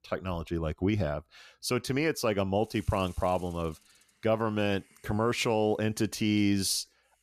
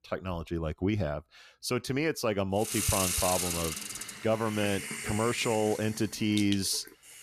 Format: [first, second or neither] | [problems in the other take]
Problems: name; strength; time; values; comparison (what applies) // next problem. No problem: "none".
first | hiss; loud; from 2.5 s on; 3 dB below the speech; faint in the first